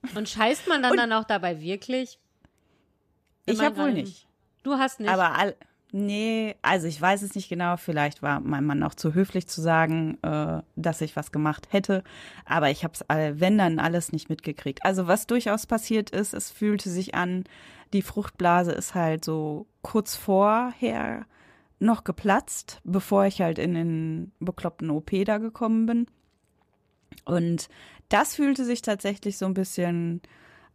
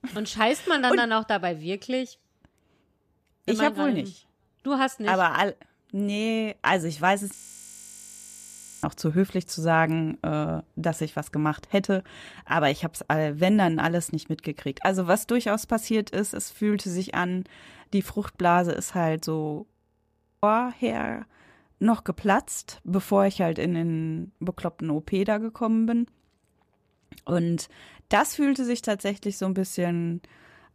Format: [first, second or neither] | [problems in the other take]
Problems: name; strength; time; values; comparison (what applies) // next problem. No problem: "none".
first | audio freezing; at 7.5 s for 1.5 s and at 20 s for 0.5 s